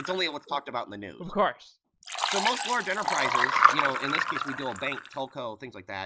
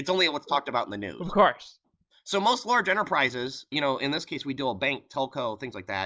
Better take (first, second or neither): second